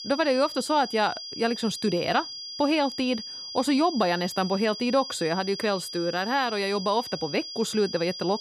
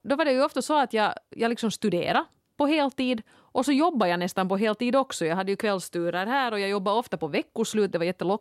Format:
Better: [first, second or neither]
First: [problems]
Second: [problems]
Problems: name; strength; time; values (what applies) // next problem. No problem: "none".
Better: second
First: high-pitched whine; loud; throughout; 5 kHz, 9 dB below the speech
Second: none